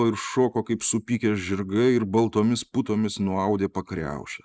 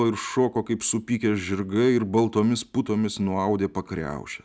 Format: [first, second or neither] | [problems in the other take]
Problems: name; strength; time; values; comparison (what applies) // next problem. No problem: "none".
second | noise reduction (neural mask model Resemble Enhance denoiser)